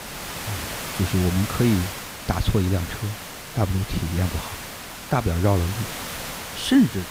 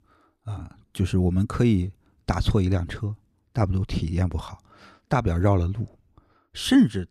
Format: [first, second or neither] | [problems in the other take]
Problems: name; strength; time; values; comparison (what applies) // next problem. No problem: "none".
second | hiss; loud; throughout; 8 dB below the speech